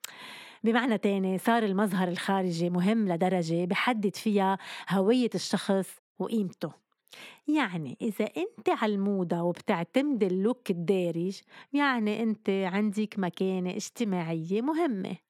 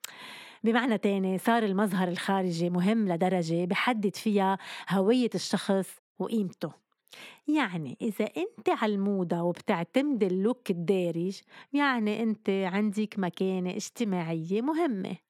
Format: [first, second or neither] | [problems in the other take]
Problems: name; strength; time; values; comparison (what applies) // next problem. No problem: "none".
neither | none